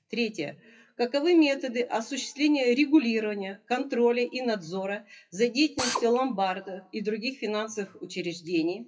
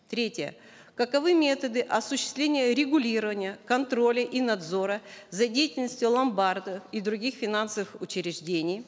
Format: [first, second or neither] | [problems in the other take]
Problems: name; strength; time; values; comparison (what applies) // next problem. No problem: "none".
second | noise reduction (classical method WPE with log-MMSE)